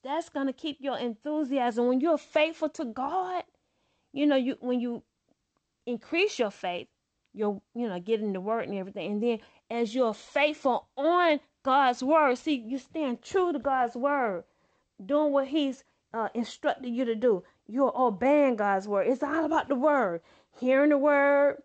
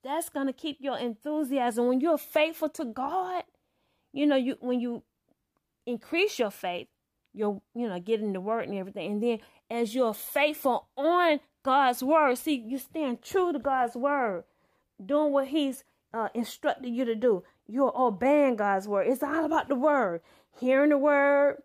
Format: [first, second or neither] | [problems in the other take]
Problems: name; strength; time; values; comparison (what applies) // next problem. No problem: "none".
second | garbled, watery; slightly; nothing above 8 kHz